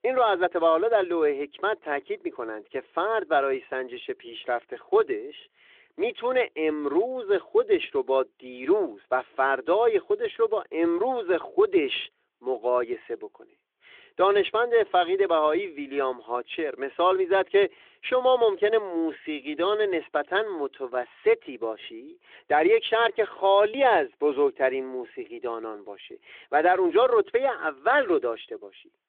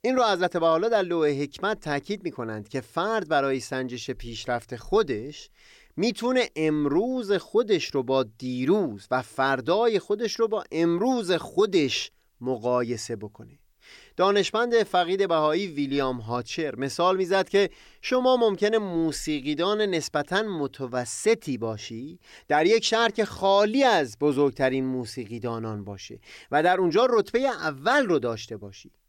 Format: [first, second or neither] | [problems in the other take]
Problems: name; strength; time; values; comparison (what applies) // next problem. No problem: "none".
second | phone-call audio; nothing above 3.5 kHz